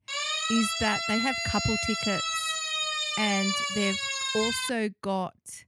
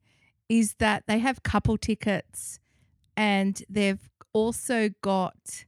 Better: second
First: siren; loud; until 4.5 s; peak 3 dB above the speech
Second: none

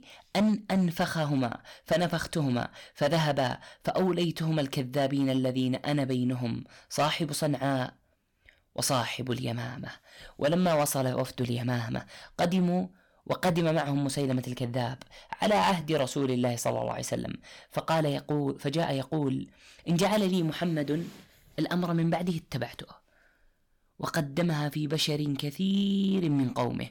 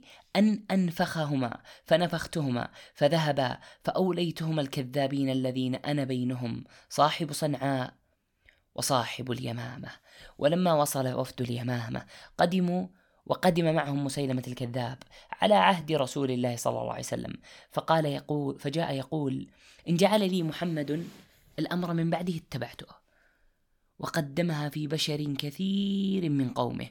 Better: second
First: distortion; slight; 6% of the sound clipped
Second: none

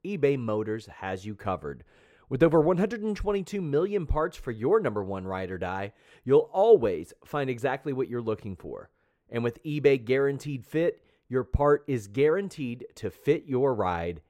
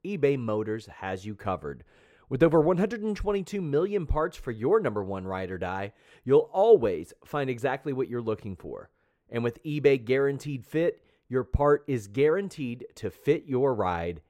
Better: neither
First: muffled; slightly; fading above 2.5 kHz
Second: muffled; slightly; fading above 2.5 kHz

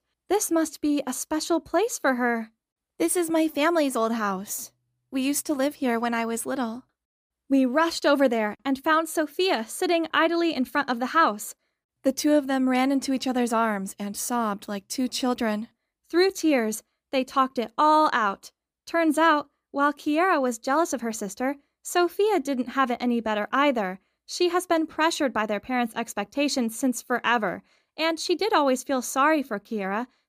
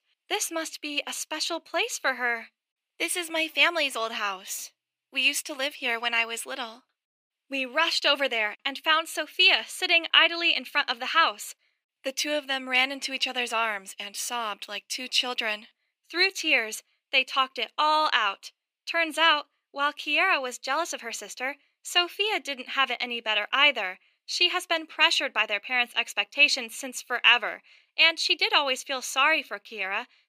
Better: first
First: none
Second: thin; somewhat; fading below 500 Hz

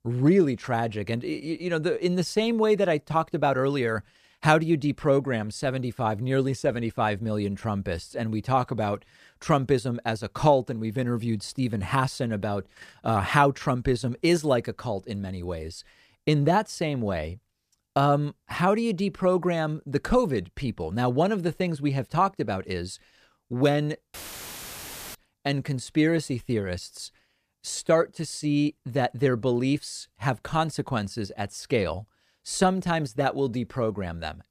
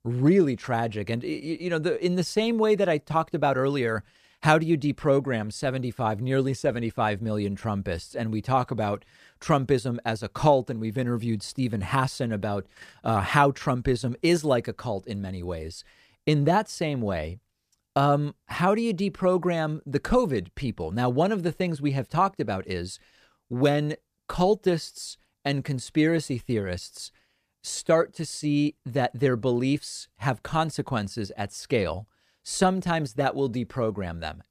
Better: second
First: audio cutting out; filled with static; at 24 s for 1 s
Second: none

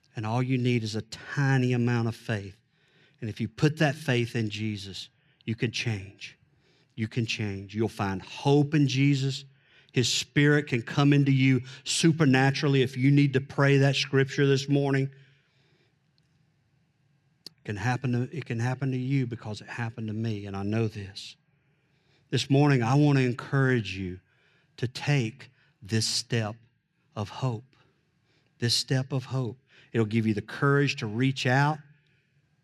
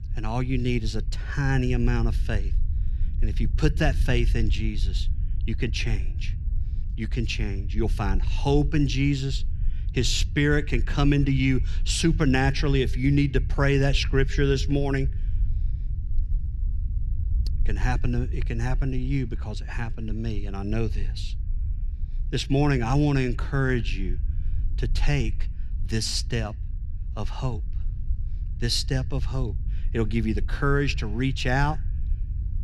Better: first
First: none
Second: low rumble; faint; throughout; 20 dB below the speech

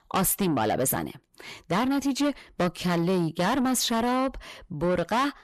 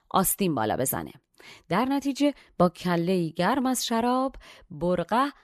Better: second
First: distortion; heavy; 8 dB below the speech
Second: none

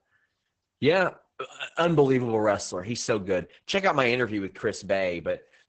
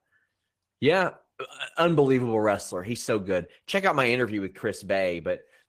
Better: second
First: garbled, watery; badly; nothing above 8 kHz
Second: garbled, watery; slightly; nothing above 15 kHz

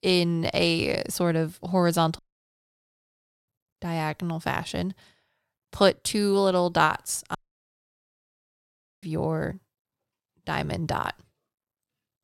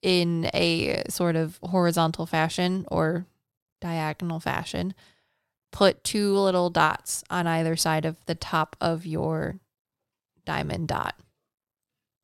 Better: second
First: audio cutting out; at 2 s for 1.5 s and at 7.5 s for 1.5 s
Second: none

